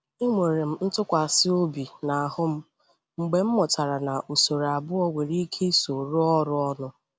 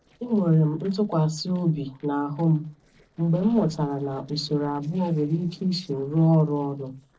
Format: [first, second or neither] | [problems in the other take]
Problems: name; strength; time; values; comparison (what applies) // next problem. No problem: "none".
first | noise reduction (neural separator model SepFormer DNS4)